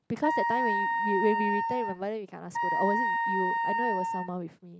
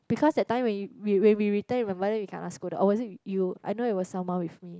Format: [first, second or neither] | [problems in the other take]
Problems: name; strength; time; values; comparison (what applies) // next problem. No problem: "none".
second | background sound (Wind instrument, woodwind instrument); 3 dB above the speech